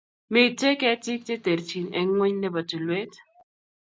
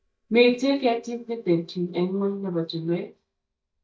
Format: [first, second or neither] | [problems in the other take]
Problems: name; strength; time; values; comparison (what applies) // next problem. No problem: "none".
first | noise reduction (neural mask model DeepFilterNet 3)